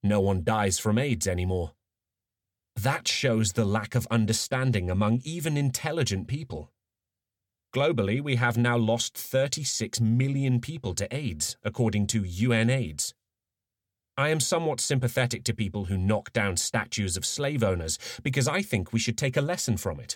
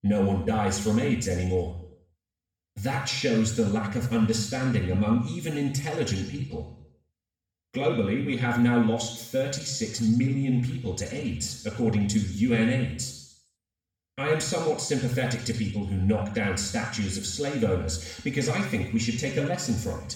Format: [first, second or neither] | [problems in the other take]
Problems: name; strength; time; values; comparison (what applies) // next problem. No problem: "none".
first | room echo; noticeable; dies away in 0.7 s // off-mic speech; far